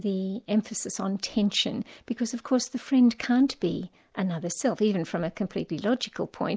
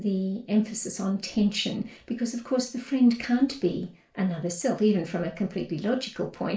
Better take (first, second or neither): first